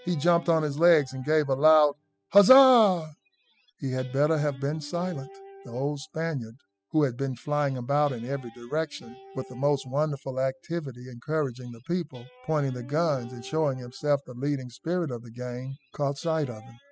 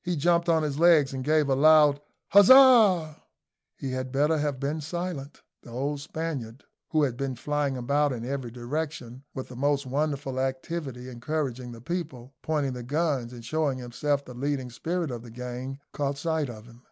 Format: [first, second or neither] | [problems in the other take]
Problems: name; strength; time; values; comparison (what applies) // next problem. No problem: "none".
second | noise reduction (classical method spectral subtraction)